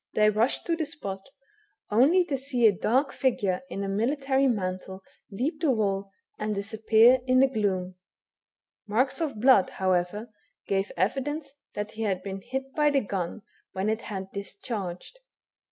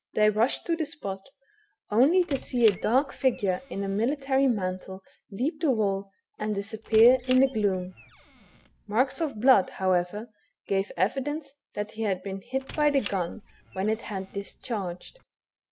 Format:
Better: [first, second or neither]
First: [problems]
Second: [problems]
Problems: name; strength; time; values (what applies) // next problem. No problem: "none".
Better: first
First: none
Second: background sound (Squeak); 20 dB below the speech